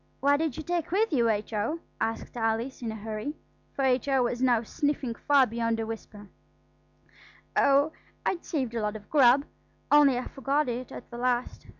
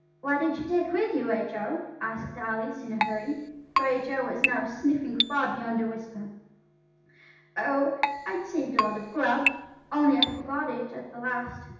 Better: first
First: none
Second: background sound (Keyboard (musical)); 1 dB below the speech // room echo; dies away in 0.9 s

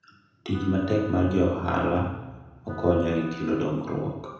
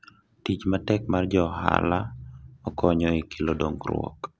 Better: second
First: background sound (Wind instrument, woodwind instrument); 19 dB below the speech // room echo; dies away in 0.9 s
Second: none

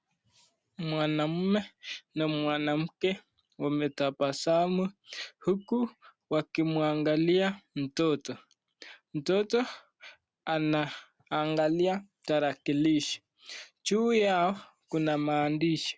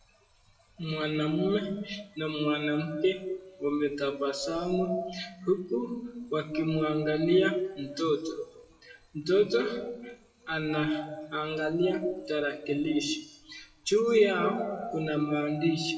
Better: first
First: none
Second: noise reduction (classical method WPE with log-MMSE)

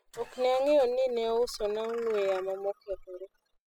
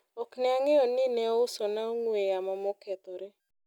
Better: second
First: noise reduction (classical method spectral subtraction)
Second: none

